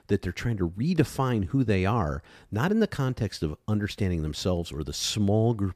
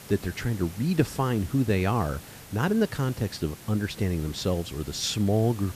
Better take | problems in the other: first | hiss; noticeable; throughout; 15 dB below the speech

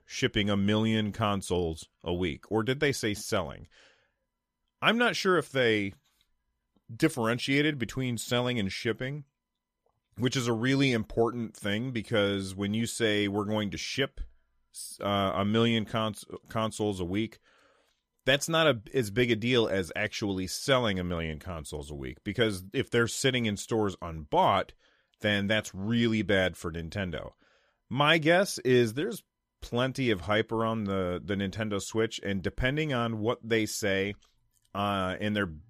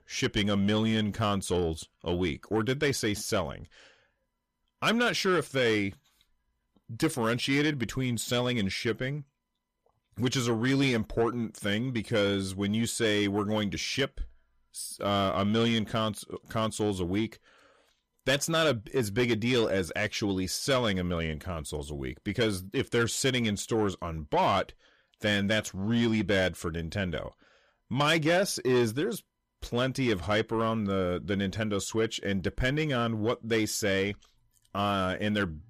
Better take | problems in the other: first | distortion; slight; 10 dB below the speech

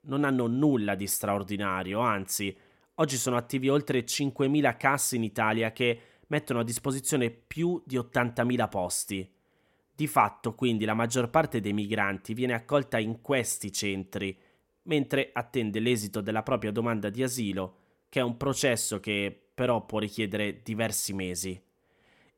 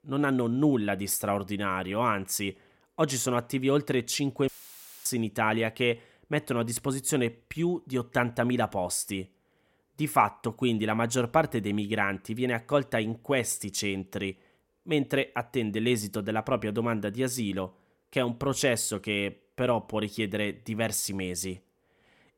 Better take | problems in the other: first | audio cutting out; filled with static; at 4.5 s for 0.5 s

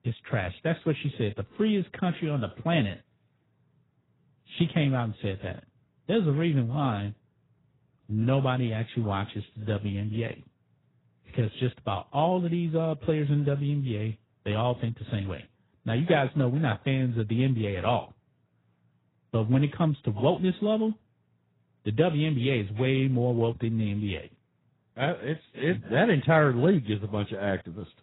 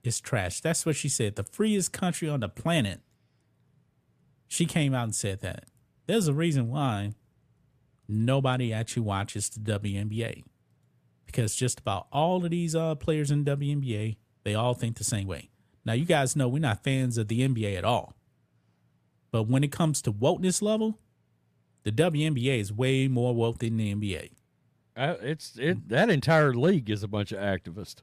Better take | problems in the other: second | garbled, watery; badly; nothing above 4 kHz

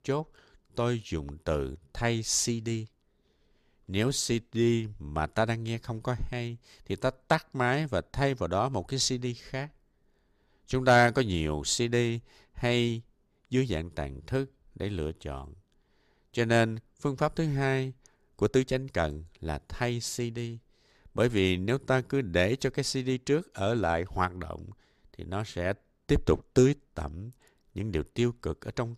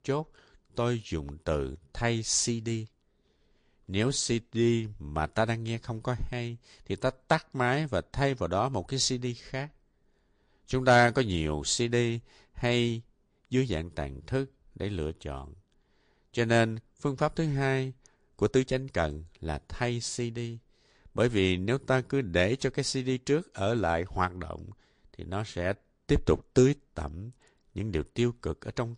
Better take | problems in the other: first | garbled, watery; slightly; nothing above 8.5 kHz

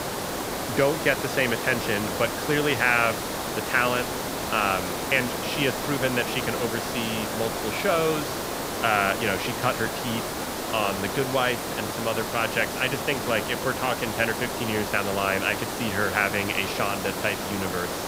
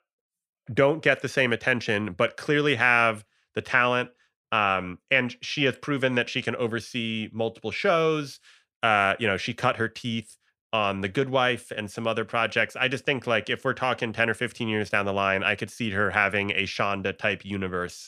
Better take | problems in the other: second | hiss; loud; throughout; 3 dB below the speech

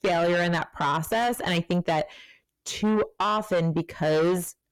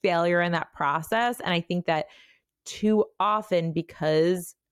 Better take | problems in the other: second | distortion; heavy; 7 dB below the speech

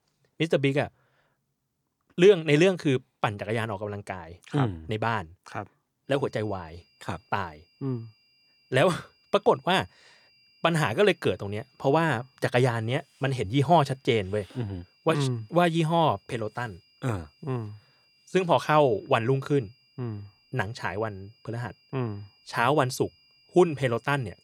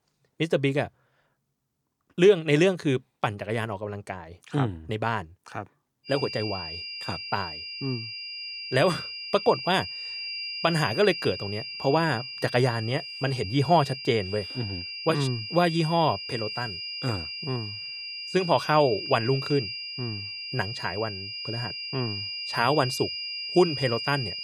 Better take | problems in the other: first | high-pitched whine; loud; from 6 s on; 5 kHz, 6 dB below the speech; faint in the first

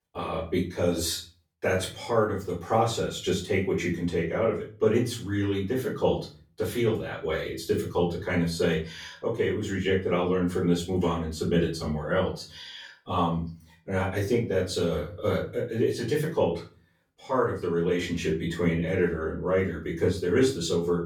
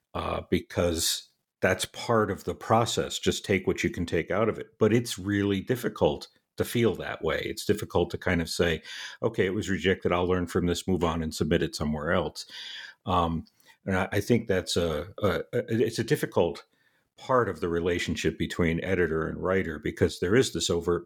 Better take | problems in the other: second | off-mic speech; far // room echo; slight; dies away in 0.3 s

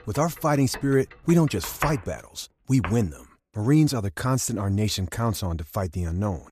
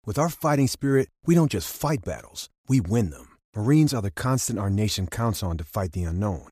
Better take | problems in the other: second | household noises; noticeable; until 3 s; 15 dB below the speech

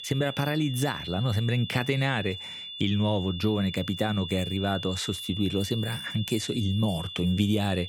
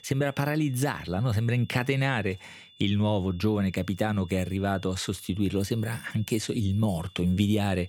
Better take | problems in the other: second | high-pitched whine; loud; throughout; 3.5 kHz, 9 dB below the speech; faint in the second

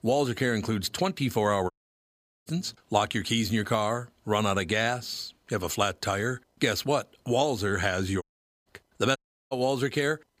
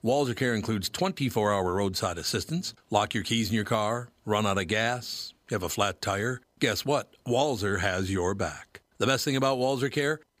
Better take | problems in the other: second | audio cutting out; at 1.5 s for 1 s, at 8 s and at 9 s

